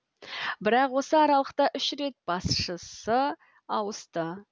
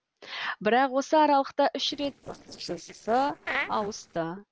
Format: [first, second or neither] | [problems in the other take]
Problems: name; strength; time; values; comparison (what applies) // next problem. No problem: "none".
first | noise reduction (neural separator model SepFormer DNS4)